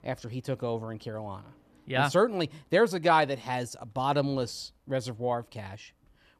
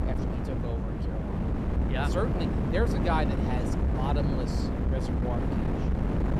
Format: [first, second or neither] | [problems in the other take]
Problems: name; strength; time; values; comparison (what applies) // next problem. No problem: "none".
first | wind noise on the microphone; heavy; 1 dB below the speech